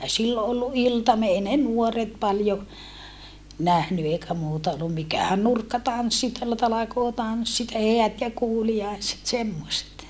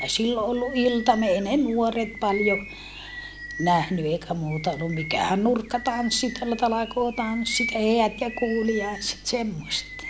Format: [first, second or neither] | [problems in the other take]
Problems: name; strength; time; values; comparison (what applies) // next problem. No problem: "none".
first | background sound (Bird vocalization, bird call, bird song); 12 dB below the speech